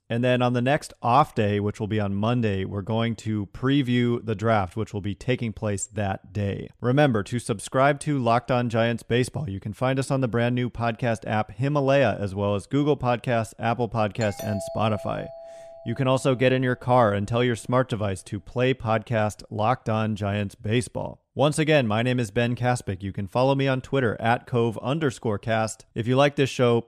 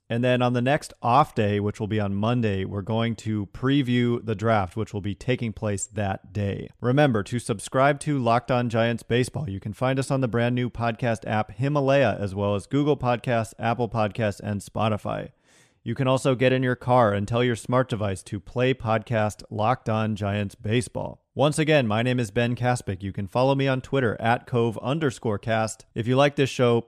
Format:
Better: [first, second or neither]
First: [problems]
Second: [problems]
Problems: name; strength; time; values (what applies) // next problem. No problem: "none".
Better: second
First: doorbell; noticeable; from 14 to 17 s; peak 9 dB below the speech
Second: none